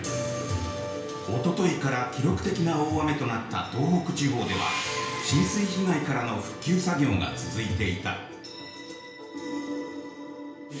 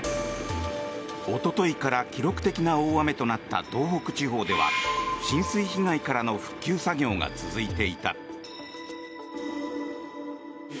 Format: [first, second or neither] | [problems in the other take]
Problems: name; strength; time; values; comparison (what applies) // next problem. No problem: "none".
second | background sound (Engine); 13 dB below the speech // room echo; dies away in 0.5 s